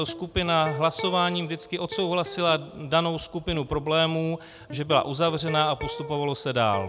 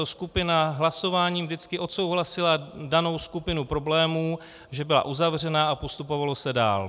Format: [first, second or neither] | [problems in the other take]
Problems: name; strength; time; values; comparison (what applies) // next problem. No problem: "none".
second | background sound (Electric guitar); 14 dB below the speech